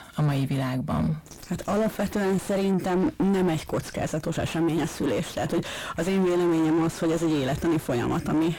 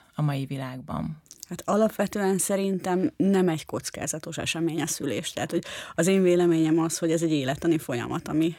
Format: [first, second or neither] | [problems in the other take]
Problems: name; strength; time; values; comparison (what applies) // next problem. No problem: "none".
second | distortion; heavy; 5 dB below the speech